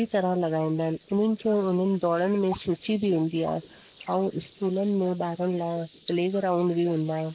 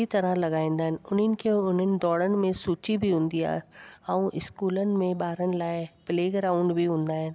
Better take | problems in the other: second | noise reduction (neural mask model Resemble Enhance denoiser)

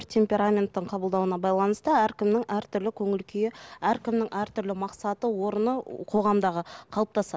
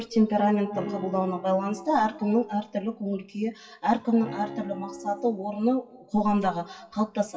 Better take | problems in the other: first | noise reduction (classical method WPE with log-MMSE)

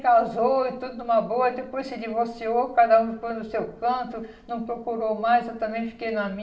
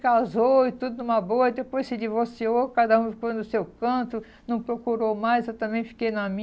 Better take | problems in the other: second | room echo; dies away in 0.9 s

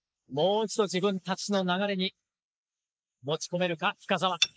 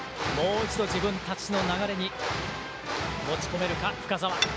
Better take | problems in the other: second | noise reduction (neural mask model Resemble Enhance denoiser)

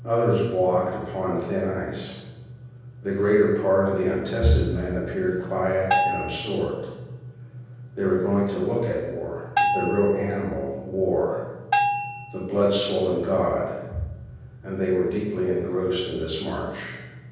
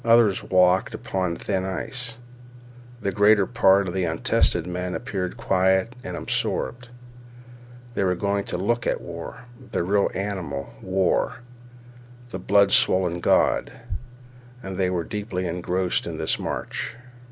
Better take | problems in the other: second | background sound (Bell); 3 dB below the speech // room echo; dies away in 1.3 s

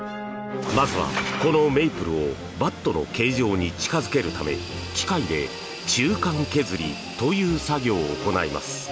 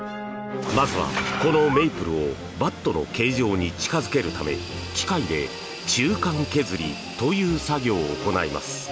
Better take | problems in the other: first | background sound (Bird); 6 dB below the speech

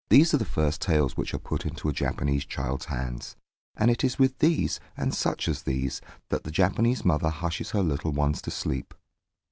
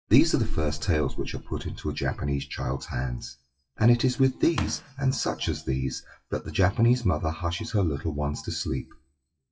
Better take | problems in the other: first | noise reduction (classical method WPE with log-MMSE)

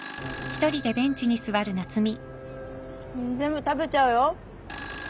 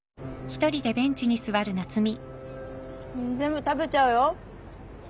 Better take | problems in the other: second | background sound (Telephone); 16 dB below the speech

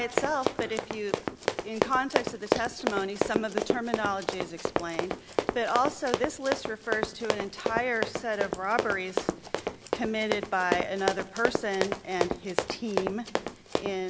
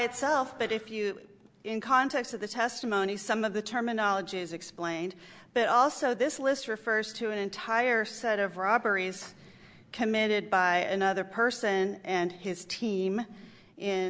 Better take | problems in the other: second | background sound (Run); as loud as the speech

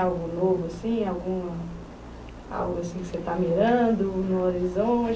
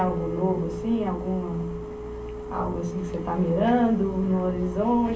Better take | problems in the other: first | background sound (Wind instrument, woodwind instrument); 11 dB below the speech // room echo; dies away in 0.8 s

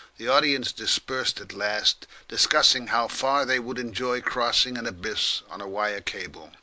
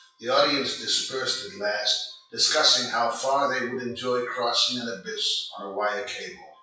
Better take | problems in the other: first | noise reduction (classical method WPE with log-MMSE)

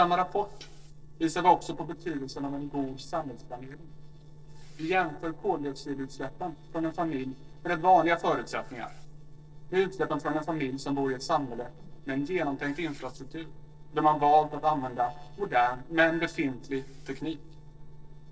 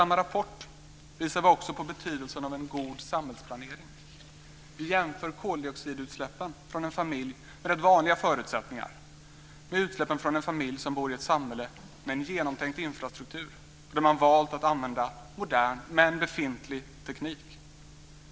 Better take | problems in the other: second | noise reduction (neural separator model SepFormer DNS4)

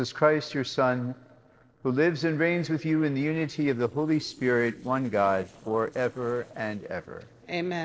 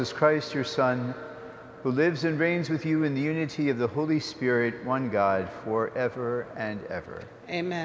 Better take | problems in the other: second | noise reduction (neural separator model SepFormer DNS4)

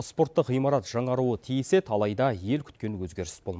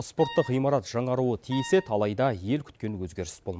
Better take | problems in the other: first | background sound (Wind instrument, woodwind instrument); 13 dB below the speech

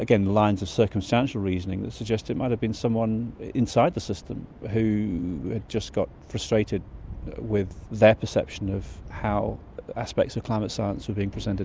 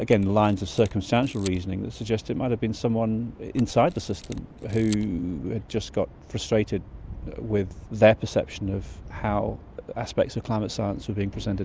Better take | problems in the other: first | background sound (Camera); 19 dB below the speech

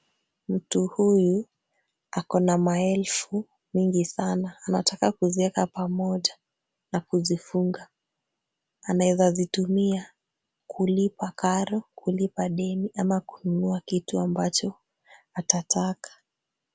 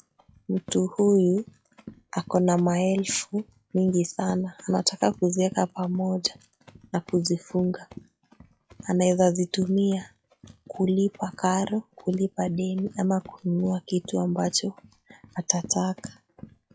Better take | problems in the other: first | noise reduction (classical method log-MMSE)

